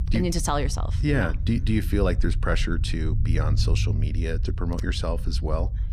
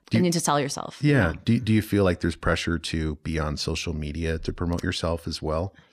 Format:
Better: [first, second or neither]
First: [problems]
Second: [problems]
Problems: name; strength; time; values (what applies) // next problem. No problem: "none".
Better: second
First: low rumble; noticeable; throughout; 15 dB below the speech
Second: none